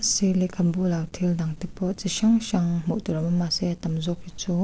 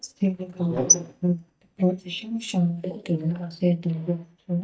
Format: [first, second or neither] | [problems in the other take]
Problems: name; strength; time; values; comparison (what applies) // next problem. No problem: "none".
first | noise reduction (neural mask model DeepFilterNet 3)